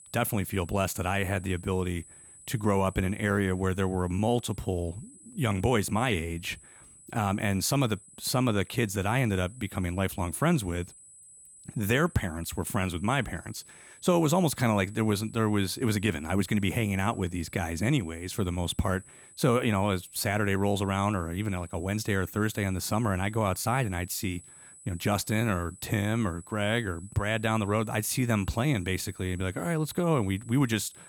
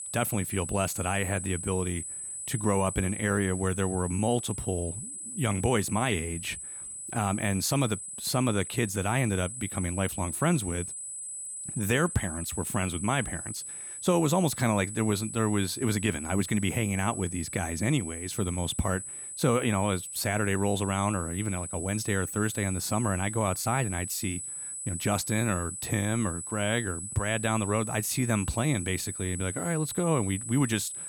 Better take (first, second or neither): first